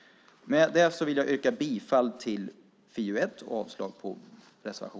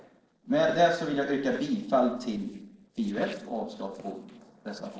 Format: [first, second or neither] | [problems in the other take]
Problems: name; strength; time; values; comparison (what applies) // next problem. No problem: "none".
first | noise reduction (neural separator model SepFormer DNS4)